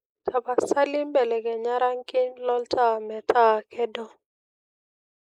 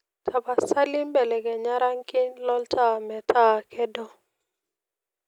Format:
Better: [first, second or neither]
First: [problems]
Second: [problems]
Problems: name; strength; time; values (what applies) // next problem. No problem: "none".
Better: second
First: noise reduction (neural mask model Resemble Enhance denoiser)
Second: none